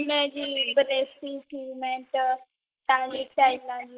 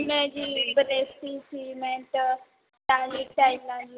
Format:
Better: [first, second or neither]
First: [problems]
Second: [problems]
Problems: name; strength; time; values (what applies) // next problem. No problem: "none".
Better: second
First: noise reduction (neural mask model Resemble Enhance denoiser)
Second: none